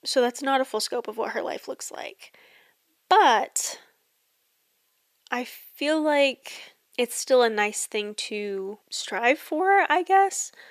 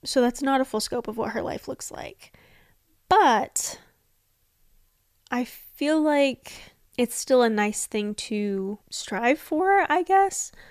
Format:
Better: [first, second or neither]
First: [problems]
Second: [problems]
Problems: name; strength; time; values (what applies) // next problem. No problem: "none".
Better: second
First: thin; very slightly; fading below 400 Hz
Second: none